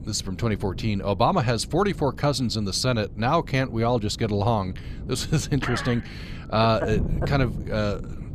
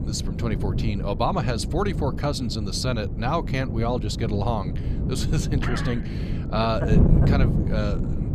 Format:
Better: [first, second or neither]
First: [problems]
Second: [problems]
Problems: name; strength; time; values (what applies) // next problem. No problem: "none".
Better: first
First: wind noise on the microphone; occasional gusts; 20 dB below the speech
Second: wind noise on the microphone; heavy; 7 dB below the speech